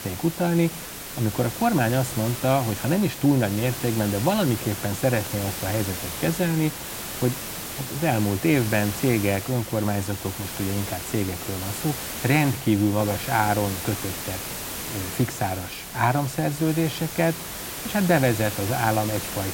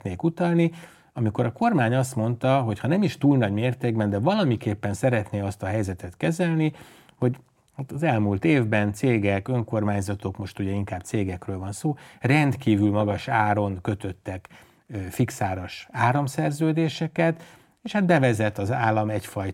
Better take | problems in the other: second | hiss; loud; throughout; 7 dB below the speech

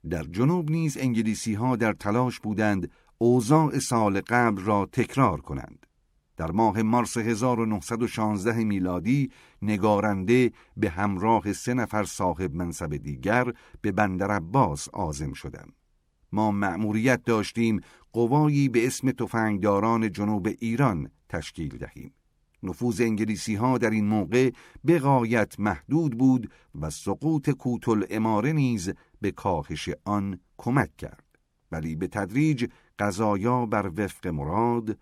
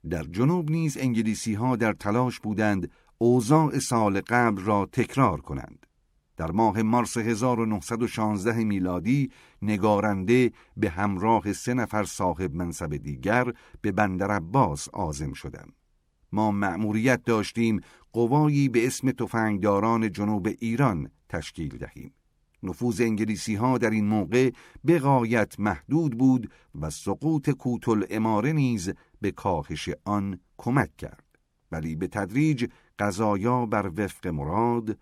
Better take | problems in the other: neither | none

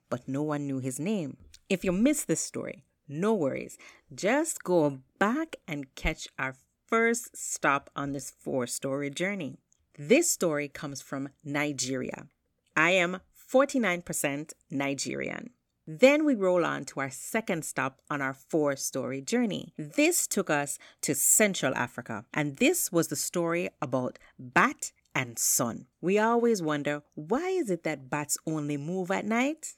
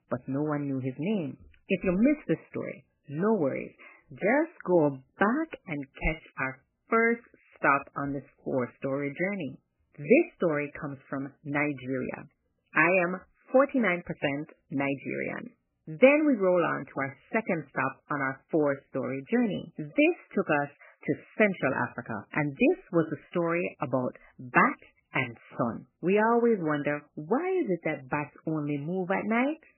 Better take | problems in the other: first | garbled, watery; badly; nothing above 2.5 kHz

